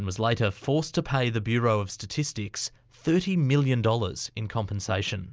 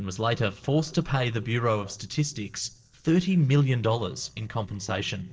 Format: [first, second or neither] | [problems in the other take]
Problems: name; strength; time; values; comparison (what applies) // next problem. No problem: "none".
first | noise reduction (neural separator model SepFormer DNS4)